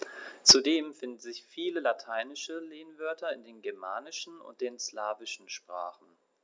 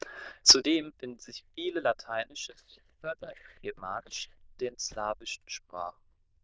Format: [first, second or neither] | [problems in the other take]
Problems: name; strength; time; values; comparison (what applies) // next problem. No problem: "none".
first | noise reduction (neural diffusion model UNIVERSE++)